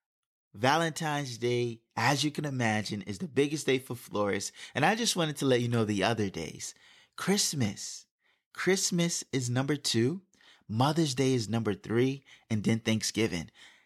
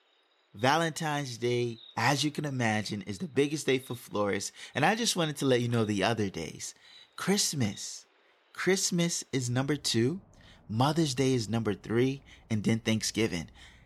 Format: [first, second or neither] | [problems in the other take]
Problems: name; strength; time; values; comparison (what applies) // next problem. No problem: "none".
first | animal sounds; faint; throughout; 30 dB below the speech